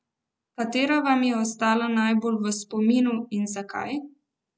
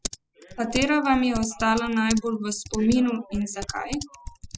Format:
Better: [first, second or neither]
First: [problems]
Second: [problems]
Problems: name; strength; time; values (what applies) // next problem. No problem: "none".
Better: first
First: none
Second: noise reduction (classical method spectral subtraction)